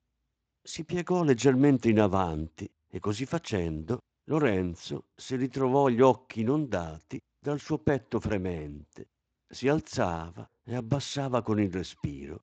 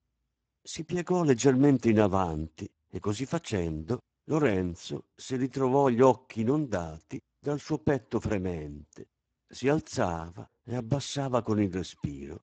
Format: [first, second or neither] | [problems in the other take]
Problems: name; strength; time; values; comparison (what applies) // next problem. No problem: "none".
first | garbled, watery; badly; nothing above 7.5 kHz; slightly in the first